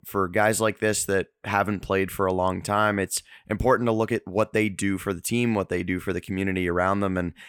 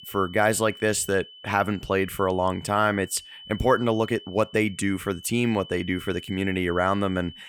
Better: first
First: none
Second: high-pitched whine; noticeable; throughout; 3 kHz, 20 dB below the speech

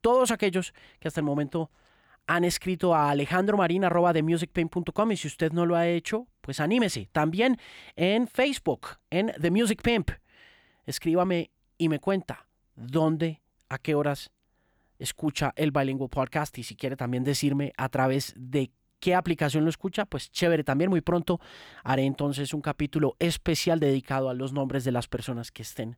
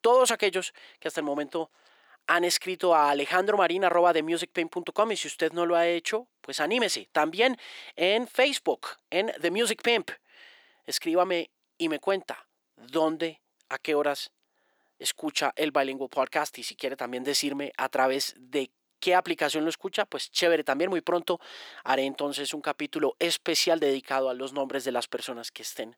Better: first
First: none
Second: thin; somewhat; fading below 350 Hz

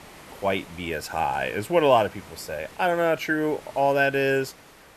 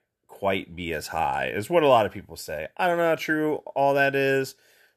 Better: second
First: hiss; faint; throughout; 20 dB below the speech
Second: none

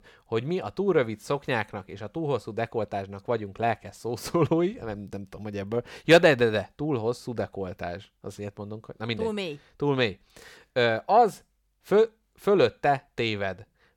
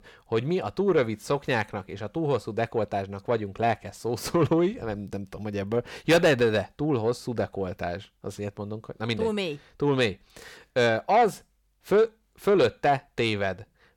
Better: first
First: none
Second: distortion; slight; 10 dB below the speech

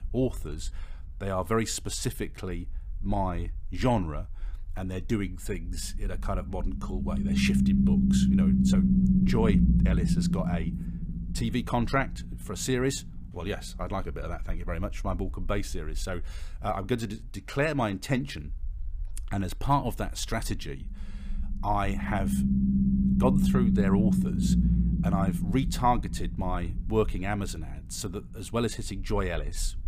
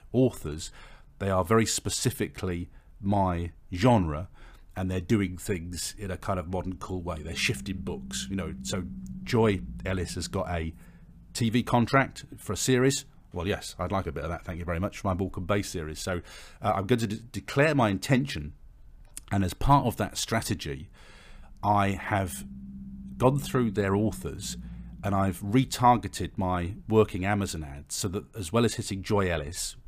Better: second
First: low rumble; loud; throughout; 1 dB below the speech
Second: low rumble; faint; throughout; 25 dB below the speech

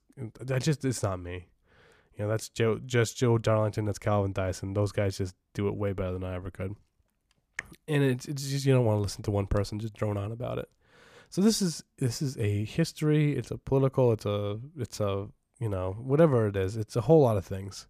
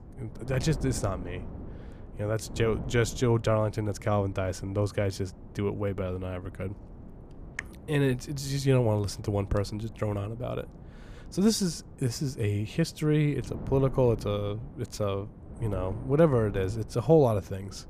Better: first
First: none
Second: wind noise on the microphone; occasional gusts; 20 dB below the speech

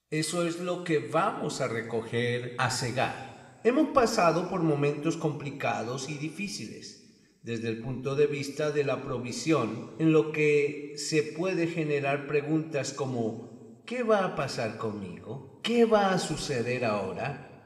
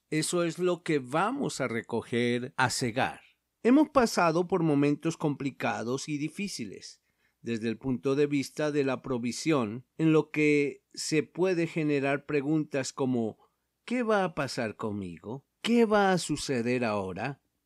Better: second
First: room echo; slight; dies away in 1.2 s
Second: none

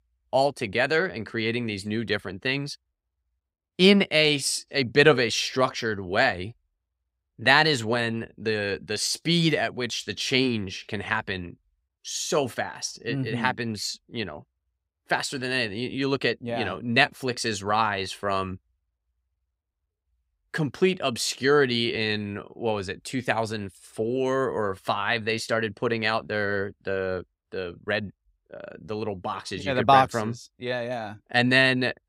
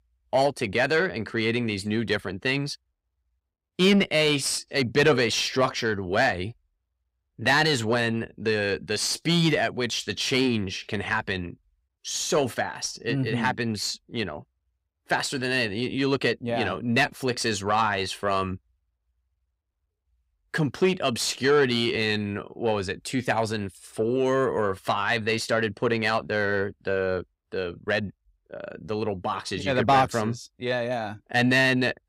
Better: first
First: none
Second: distortion; slight; 10 dB below the speech

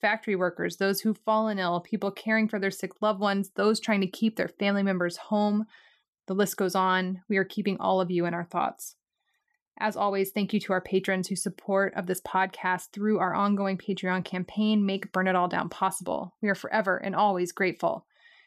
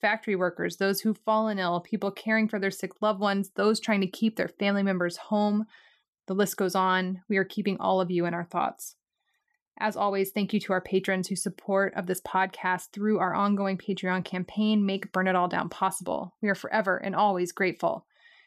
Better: neither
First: none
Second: none

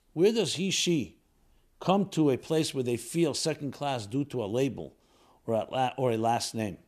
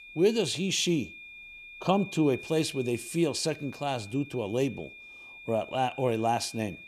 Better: first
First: none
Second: high-pitched whine; noticeable; throughout; 2.5 kHz, 15 dB below the speech

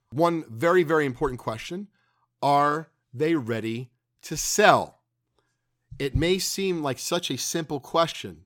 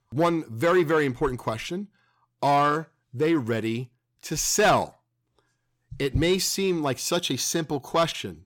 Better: first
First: none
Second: distortion; slight; 10 dB below the speech

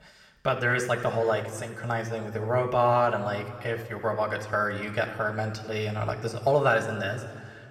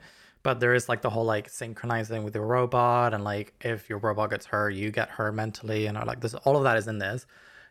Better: second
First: room echo; slight; dies away in 1.6 s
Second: none

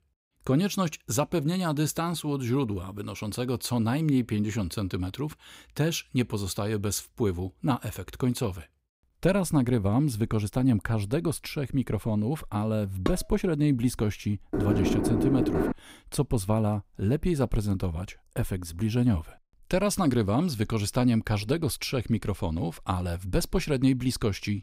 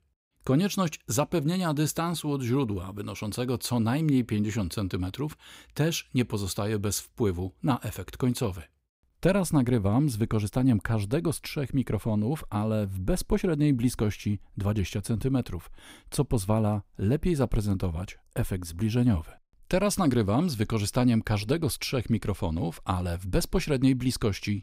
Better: second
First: clattering dishes; very faint; at 13 s; peak 6 dB below the speech // door banging; loud; from 15 to 16 s; peak 2 dB above the speech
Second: none

